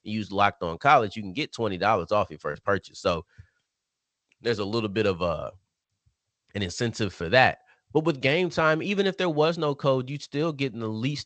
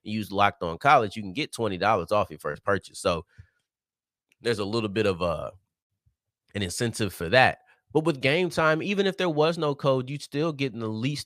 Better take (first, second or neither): second